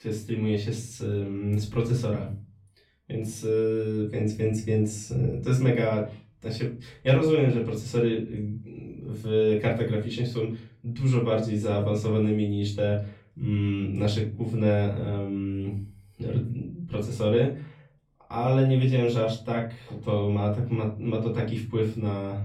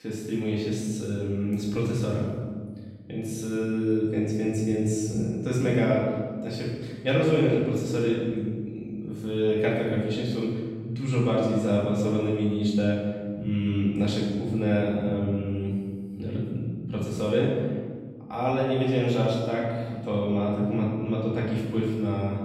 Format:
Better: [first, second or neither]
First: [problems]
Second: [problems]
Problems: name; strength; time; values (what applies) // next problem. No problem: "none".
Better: first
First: room echo; slight; dies away in 0.4 s // off-mic speech; far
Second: room echo; strong; dies away in 1.5 s // off-mic speech; far